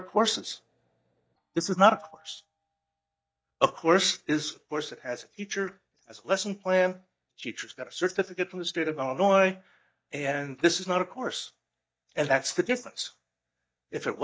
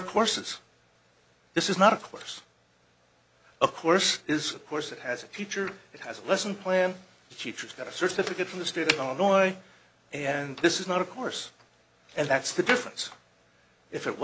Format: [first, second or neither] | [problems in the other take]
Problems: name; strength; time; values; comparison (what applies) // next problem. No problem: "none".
second | noise reduction (neural mask model DeepFilterNet 3)